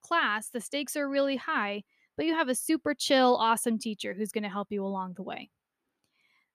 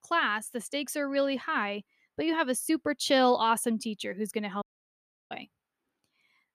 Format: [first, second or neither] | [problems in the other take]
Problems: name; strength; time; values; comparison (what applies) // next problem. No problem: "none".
first | audio cutting out; at 4.5 s for 0.5 s